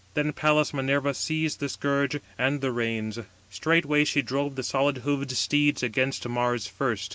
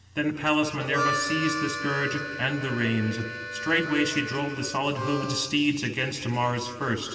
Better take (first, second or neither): first